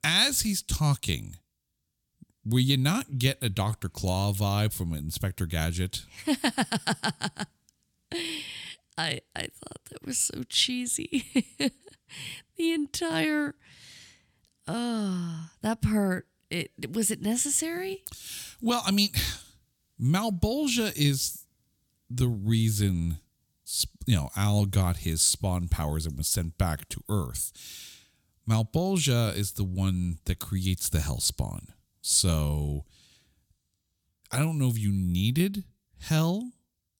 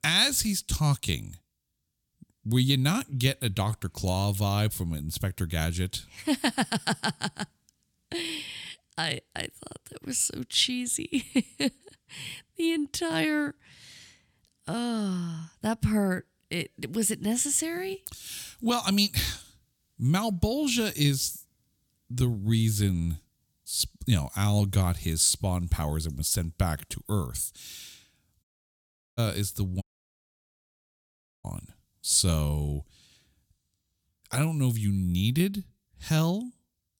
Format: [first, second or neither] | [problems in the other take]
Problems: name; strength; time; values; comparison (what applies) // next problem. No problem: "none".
first | audio cutting out; at 28 s for 0.5 s and at 30 s for 1.5 s